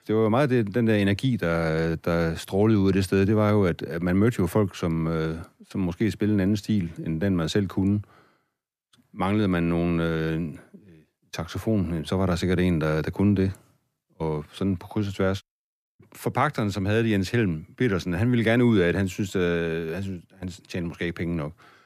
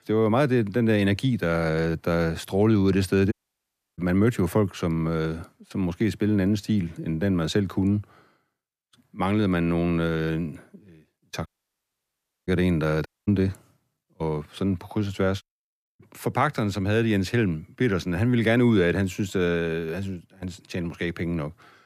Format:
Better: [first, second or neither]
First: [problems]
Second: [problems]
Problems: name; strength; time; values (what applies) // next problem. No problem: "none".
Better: first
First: none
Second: audio cutting out; at 3.5 s for 0.5 s, at 11 s for 1 s and at 13 s